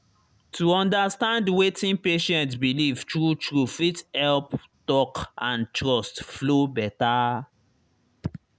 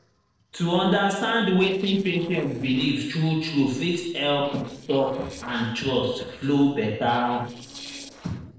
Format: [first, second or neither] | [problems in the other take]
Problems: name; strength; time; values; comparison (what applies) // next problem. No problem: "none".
first | noise reduction (neural separator model SepFormer DNS4)